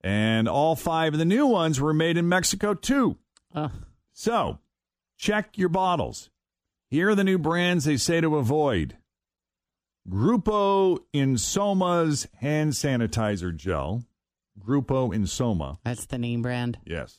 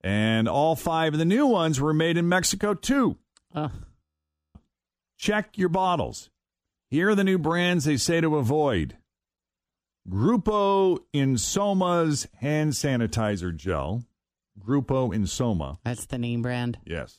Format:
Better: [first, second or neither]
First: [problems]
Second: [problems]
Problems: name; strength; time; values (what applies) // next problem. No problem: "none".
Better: first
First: none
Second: audio freezing; at 4 s for 0.5 s